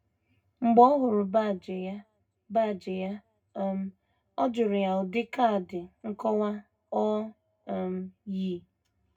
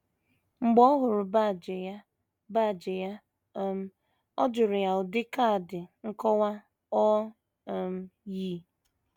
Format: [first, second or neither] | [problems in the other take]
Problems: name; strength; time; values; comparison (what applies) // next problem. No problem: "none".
second | room echo; dies away in 0.2 s